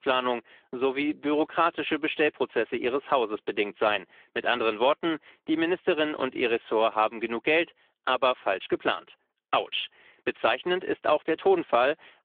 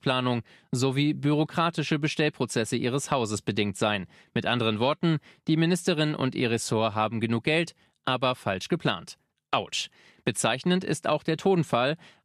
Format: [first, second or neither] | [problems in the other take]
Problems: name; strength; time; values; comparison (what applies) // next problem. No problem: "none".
second | phone-call audio; nothing above 3.5 kHz